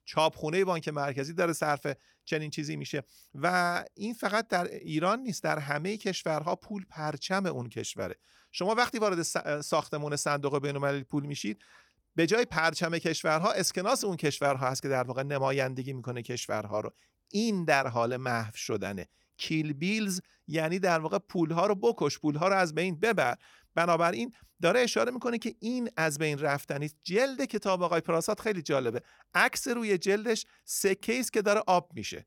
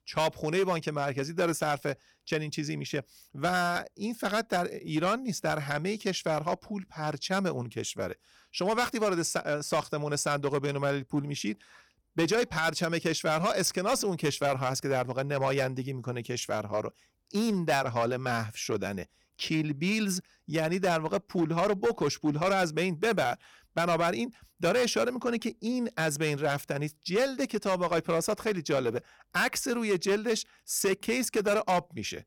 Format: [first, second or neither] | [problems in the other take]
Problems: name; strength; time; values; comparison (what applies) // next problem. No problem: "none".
first | distortion; slight; 6% of the sound clipped